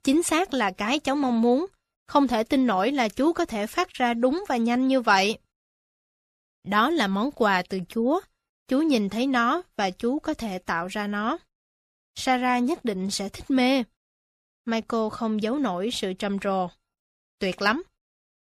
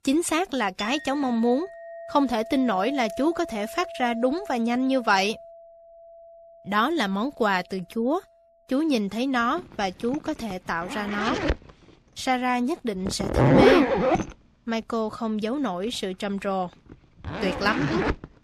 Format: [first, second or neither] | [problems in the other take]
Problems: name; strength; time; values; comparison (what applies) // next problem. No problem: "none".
first | household noises; loud; throughout; 1 dB below the speech